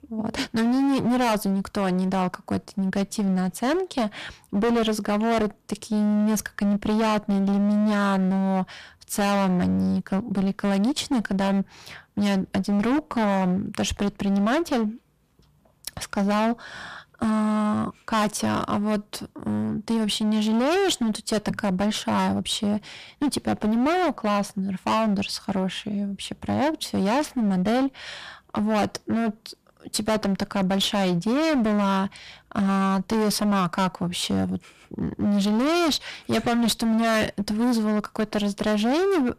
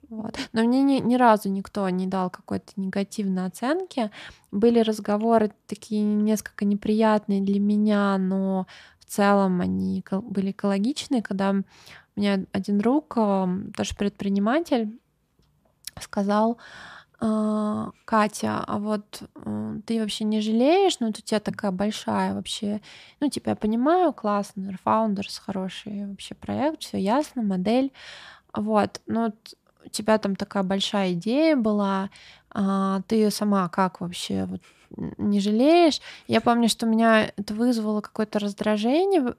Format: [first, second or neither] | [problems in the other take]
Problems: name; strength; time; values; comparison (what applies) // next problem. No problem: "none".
second | distortion; heavy; 22% of the sound clipped